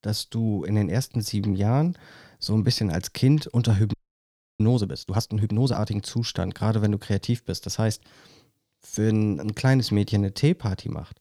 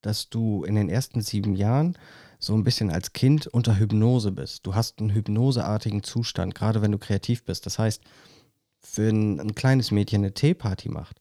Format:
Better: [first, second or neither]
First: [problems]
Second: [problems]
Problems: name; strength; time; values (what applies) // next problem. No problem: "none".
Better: second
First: audio freezing; at 4 s for 0.5 s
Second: none